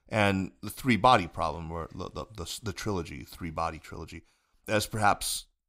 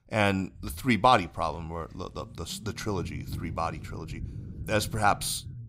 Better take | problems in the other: first | low rumble; faint; throughout; 25 dB below the speech

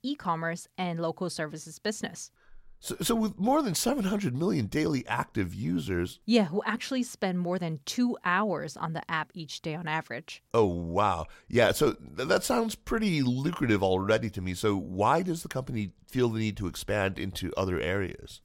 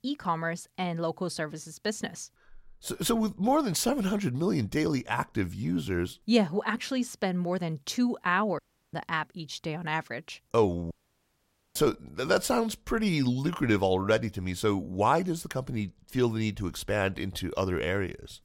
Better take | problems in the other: first | audio cutting out; at 8.5 s and at 11 s for 1 s

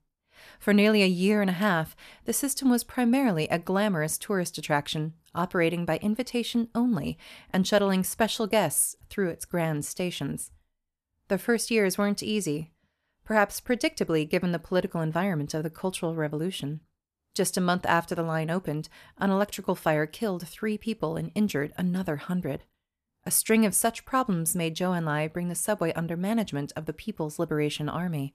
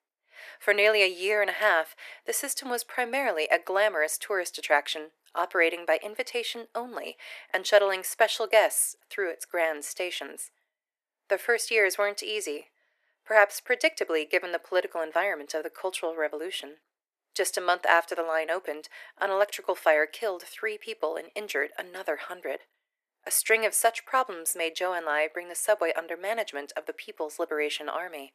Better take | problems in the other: first | thin; very; fading below 350 Hz

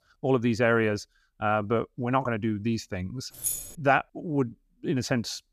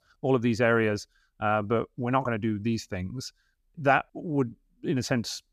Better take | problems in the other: second | jangling keys; noticeable; at 3.5 s; peak 2 dB below the speech

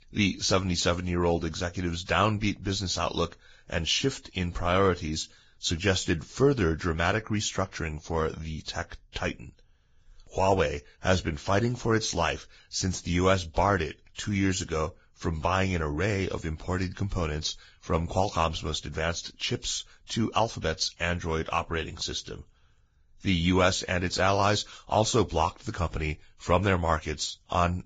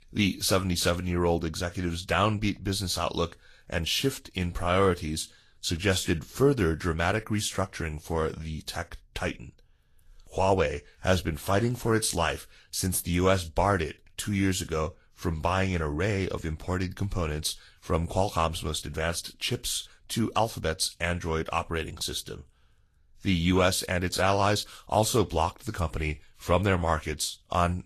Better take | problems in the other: second | garbled, watery; badly; nothing above 7.5 kHz; slightly in the second

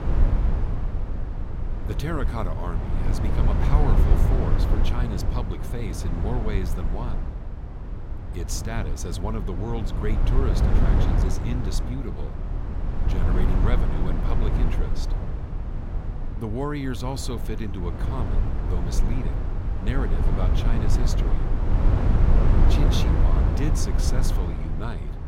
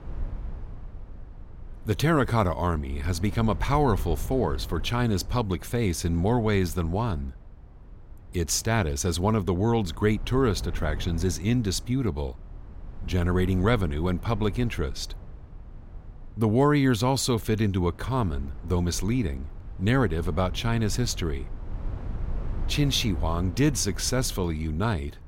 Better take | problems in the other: second | low rumble; loud; throughout; 1 dB below the speech; faint in the second

